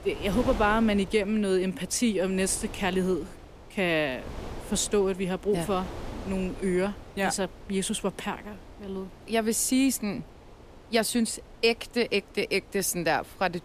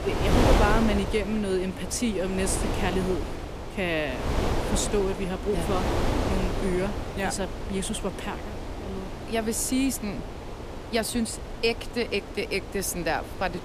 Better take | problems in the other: first | wind noise on the microphone; heavy; 3 dB below the speech; occasional gusts in the first

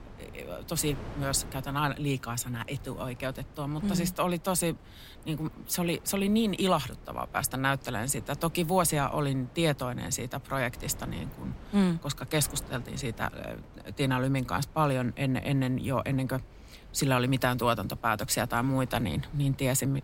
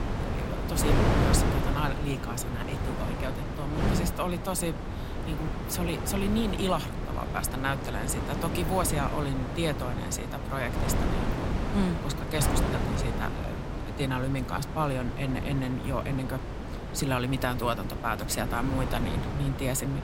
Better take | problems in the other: first | wind noise on the microphone; heavy; 3 dB below the speech; occasional gusts in the first

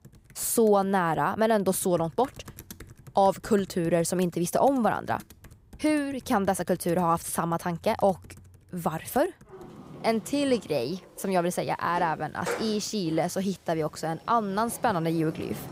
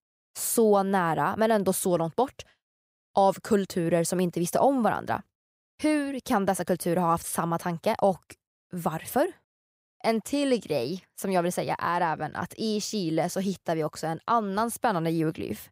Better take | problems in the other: second | household noises; noticeable; throughout; 20 dB below the speech

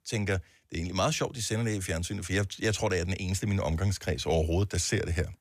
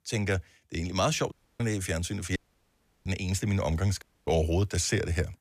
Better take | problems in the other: first | audio cutting out; at 1.5 s, at 2.5 s for 0.5 s and at 4 s

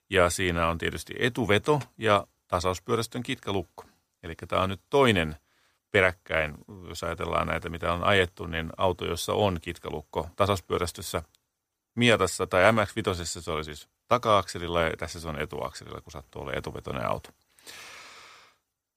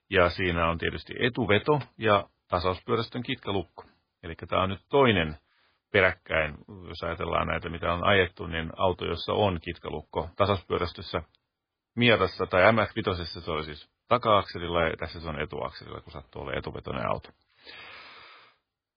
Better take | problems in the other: first | garbled, watery; badly

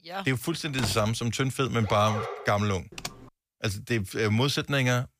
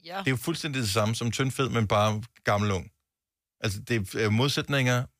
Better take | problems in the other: second | door banging; noticeable; at 1 s; peak 9 dB below the speech // siren; noticeable; at 2 s; peak 5 dB below the speech // keyboard typing; faint; at 3 s; peak 10 dB below the speech

